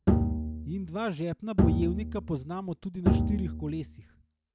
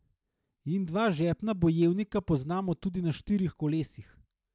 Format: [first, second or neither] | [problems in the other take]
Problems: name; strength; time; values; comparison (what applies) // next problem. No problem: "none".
second | background sound (Bowed string instrument); 4 dB above the speech